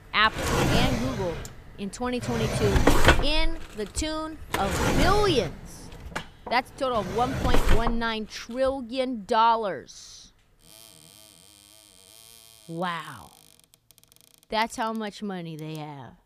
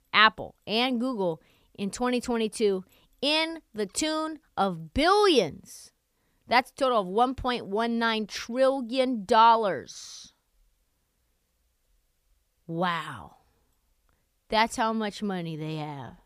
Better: second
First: household noises; very loud; throughout; 1 dB above the speech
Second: none

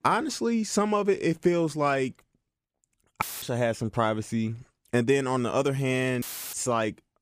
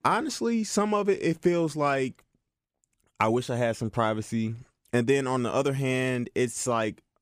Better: second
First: audio cutting out; filled with static; at 3 s and at 6 s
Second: none

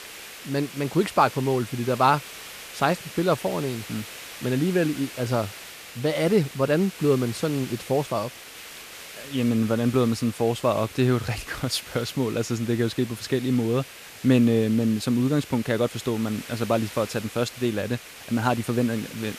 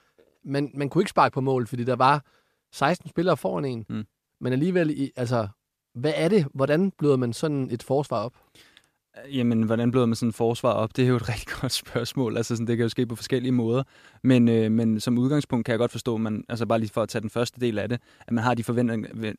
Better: second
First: hiss; noticeable; throughout; 15 dB below the speech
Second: none

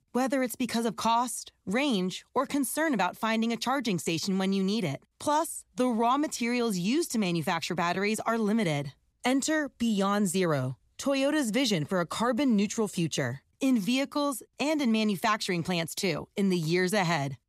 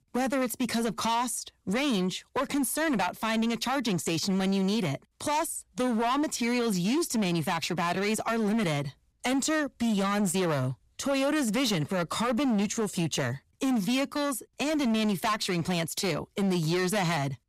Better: first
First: none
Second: distortion; slight; 20% of the sound clipped

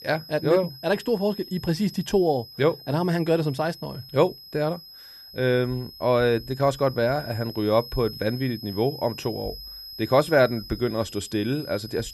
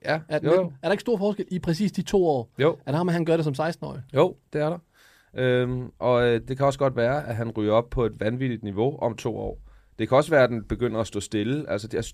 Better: second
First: high-pitched whine; noticeable; throughout; 5 kHz, 15 dB below the speech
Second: none

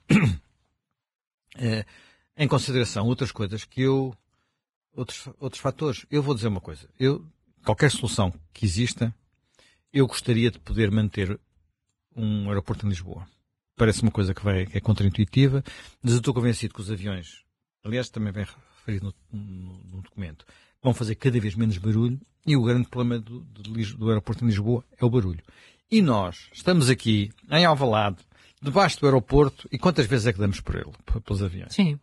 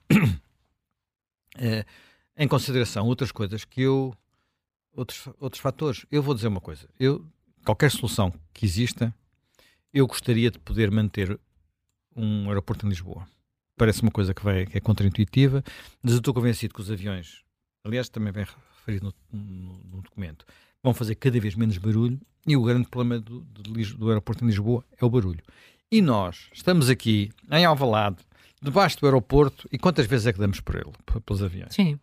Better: second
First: garbled, watery; badly; nothing above 11 kHz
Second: none

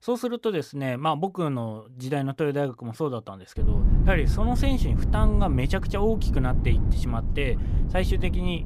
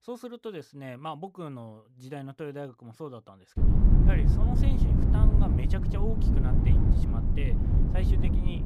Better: first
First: wind noise on the microphone; occasional gusts; from 3.5 s on; 10 dB below the speech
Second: wind noise on the microphone; heavy; from 3.5 s on; 3 dB above the speech

